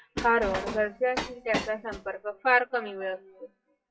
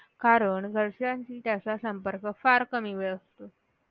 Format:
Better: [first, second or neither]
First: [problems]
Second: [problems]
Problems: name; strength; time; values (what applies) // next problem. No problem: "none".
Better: second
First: noise reduction (classical method WPE with log-MMSE)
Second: none